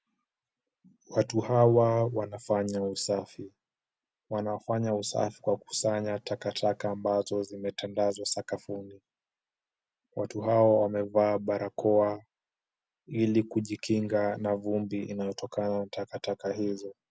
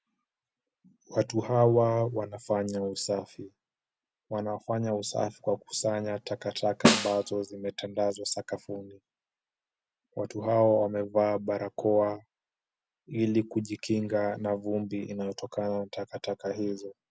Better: first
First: none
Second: background sound (Snare drum); 2 dB above the speech

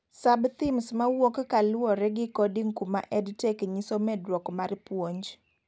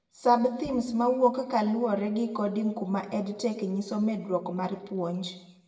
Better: first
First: none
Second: room echo; dies away in 0.8 s

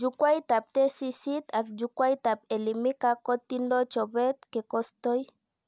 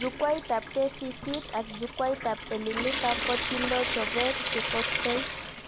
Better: first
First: none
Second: background sound (Trickle, dribble / Sink (filling or washing) / Water tap, faucet); 2 dB below the speech

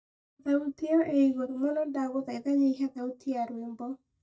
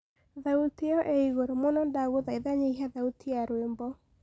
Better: second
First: noise reduction (neural mask model DeepFilterNet 3)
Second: none

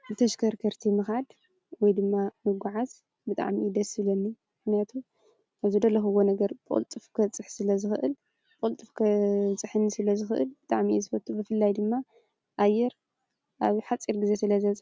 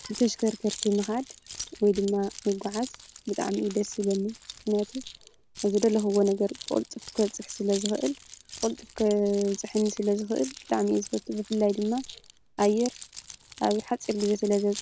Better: first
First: none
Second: background sound (Keys jangling); 15 dB below the speech

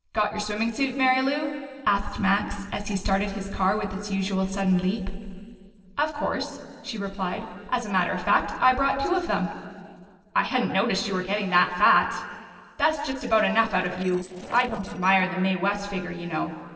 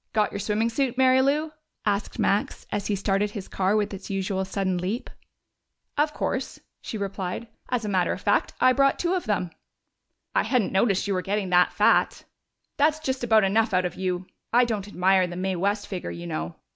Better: second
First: noise reduction (neural separator model SepFormer DNS4)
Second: none

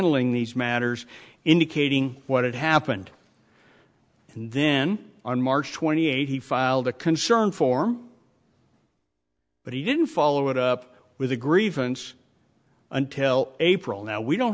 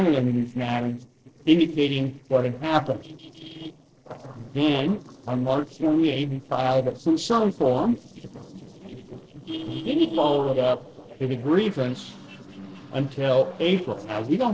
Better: first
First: none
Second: noise reduction (neural separator model SepFormer DNS4)

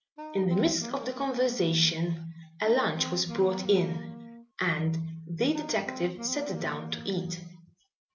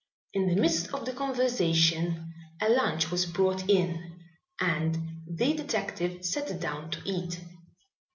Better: second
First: background sound (Wind instrument, woodwind instrument); 12 dB below the speech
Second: none

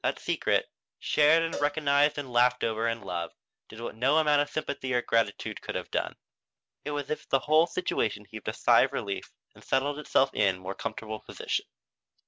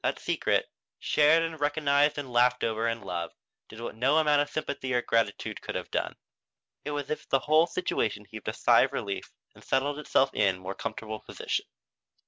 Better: second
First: background sound (Cowbell); 15 dB below the speech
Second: none

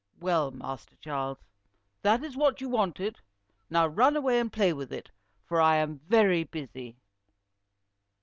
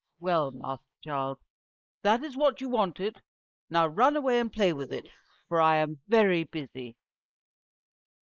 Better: first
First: none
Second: noise reduction (neural mask model Resemble Enhance denoiser)

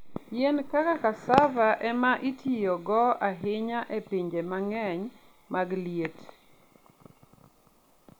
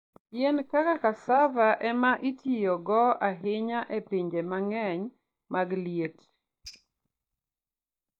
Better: first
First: none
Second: noise reduction (neural mask model DeepFilterNet 3)

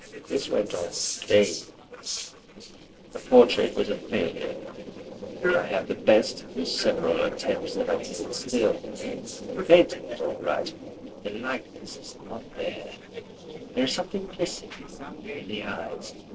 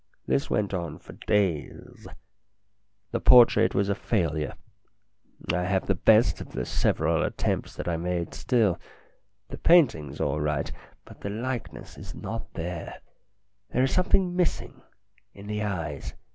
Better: second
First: noise reduction (neural separator model SepFormer DNS4)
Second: none

